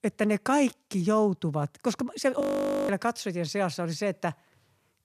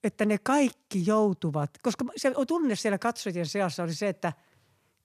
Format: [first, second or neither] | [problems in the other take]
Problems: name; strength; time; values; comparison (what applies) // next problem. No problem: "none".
second | audio freezing; at 2.5 s